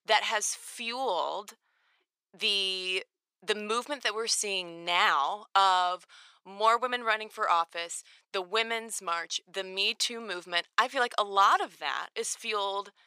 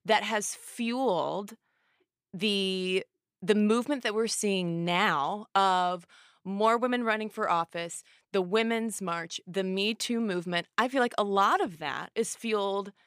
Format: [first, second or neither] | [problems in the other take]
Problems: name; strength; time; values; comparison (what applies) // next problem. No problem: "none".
second | thin; very; fading below 550 Hz